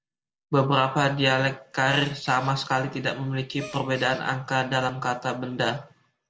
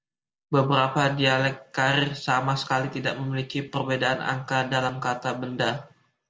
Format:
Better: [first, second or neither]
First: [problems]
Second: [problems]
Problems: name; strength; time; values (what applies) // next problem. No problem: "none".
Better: second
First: background sound (Gasp); 19 dB below the speech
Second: none